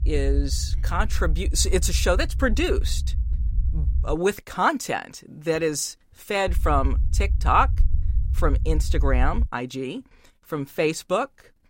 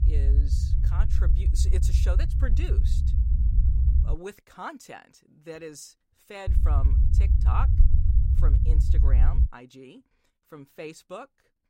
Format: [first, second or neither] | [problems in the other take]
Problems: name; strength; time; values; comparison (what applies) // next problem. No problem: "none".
first | low rumble; loud; until 4 s and from 6.5 to 9.5 s; 3 dB below the speech; faint in the first